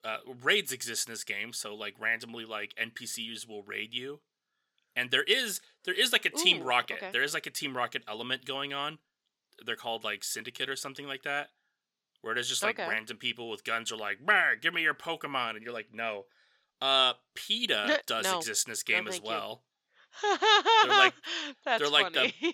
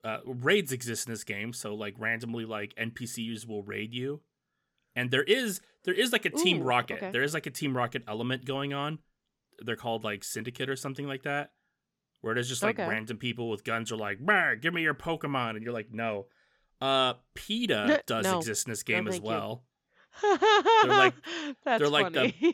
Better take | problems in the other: second | thin; somewhat; fading below 800 Hz

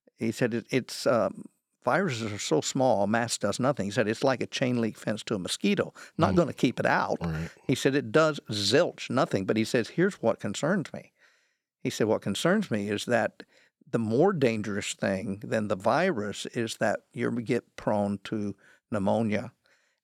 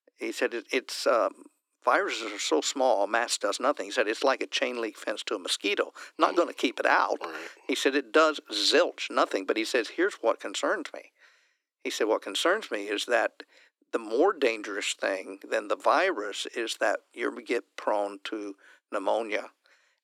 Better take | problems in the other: first | thin; somewhat; fading below 300 Hz

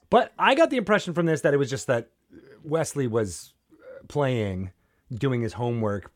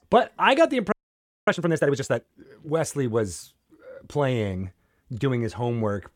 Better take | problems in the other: first | audio freezing; at 1 s for 0.5 s

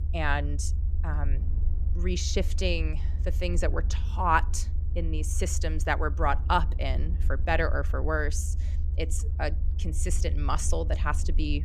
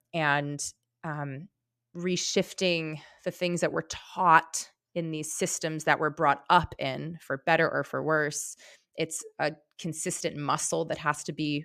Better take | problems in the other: second | low rumble; noticeable; throughout; 20 dB below the speech

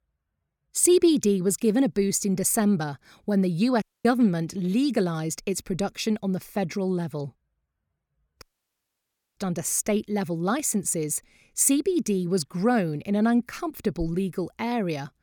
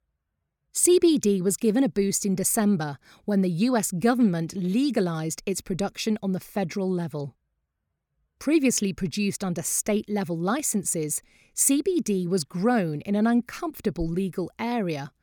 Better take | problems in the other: second | audio cutting out; at 4 s and at 8.5 s for 1 s

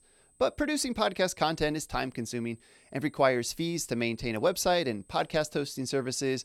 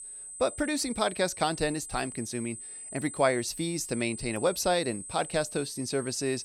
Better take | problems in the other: first | high-pitched whine; loud; throughout; 8 kHz, 10 dB below the speech; faint in the first

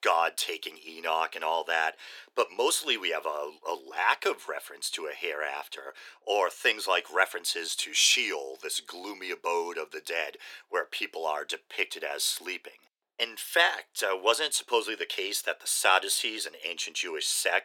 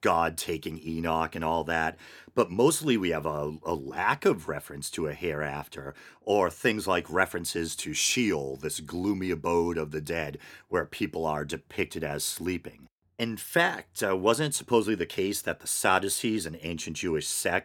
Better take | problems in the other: second | thin; very; fading below 450 Hz

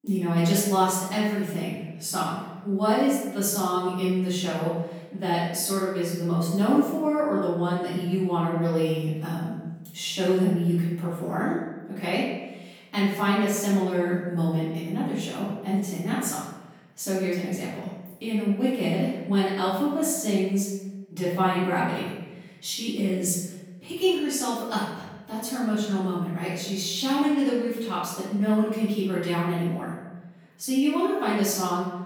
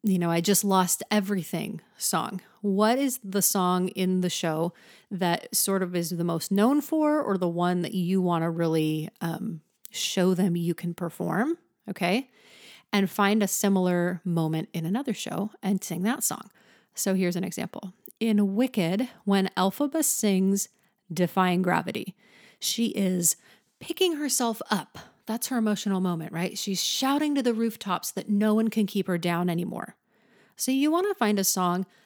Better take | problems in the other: second | off-mic speech; far // room echo; strong; dies away in 1 s

